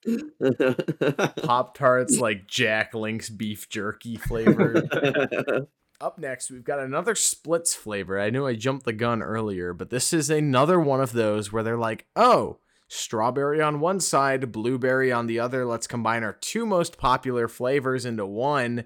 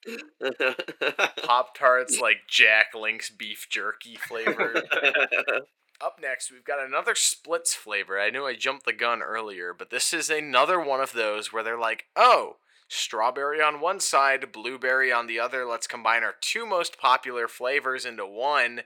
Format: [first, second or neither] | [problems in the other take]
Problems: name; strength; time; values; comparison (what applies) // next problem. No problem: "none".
first | thin; very; fading below 650 Hz